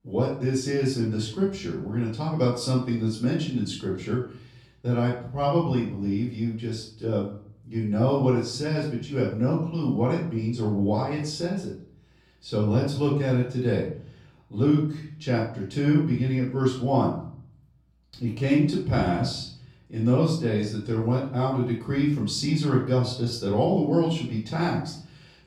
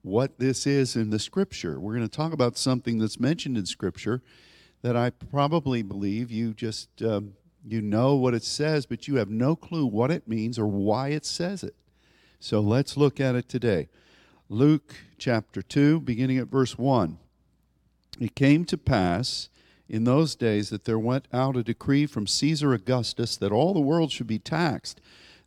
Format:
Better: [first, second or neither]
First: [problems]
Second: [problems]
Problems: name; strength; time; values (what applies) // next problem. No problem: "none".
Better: second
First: off-mic speech; far // room echo; noticeable; dies away in 0.5 s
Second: none